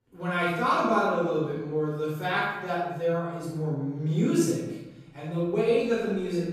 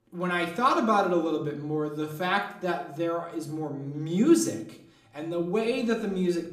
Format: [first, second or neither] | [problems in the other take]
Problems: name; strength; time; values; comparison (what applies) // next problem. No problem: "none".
second | room echo; strong; dies away in 1.1 s; slight in the second // off-mic speech; far; somewhat distant in the second